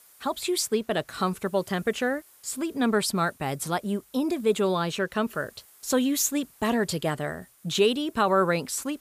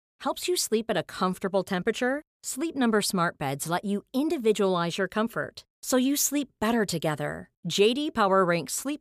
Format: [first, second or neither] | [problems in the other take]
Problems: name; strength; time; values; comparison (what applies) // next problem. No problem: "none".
second | hiss; faint; throughout; 30 dB below the speech